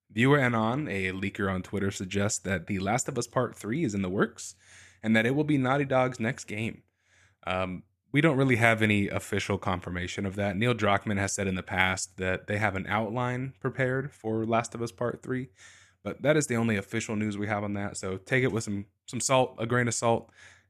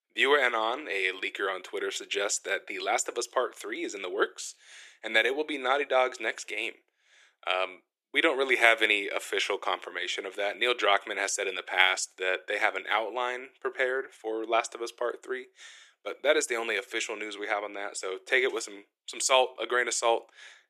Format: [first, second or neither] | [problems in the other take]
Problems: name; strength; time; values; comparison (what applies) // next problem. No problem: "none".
first | thin; very; fading below 350 Hz